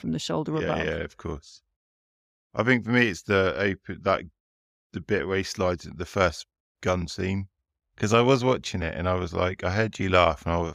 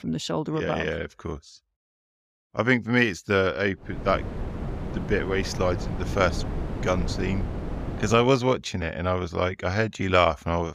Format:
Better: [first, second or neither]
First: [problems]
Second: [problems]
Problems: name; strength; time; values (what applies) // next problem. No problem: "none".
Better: first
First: none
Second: wind noise on the microphone; occasional gusts; from 4 to 8 s; 15 dB below the speech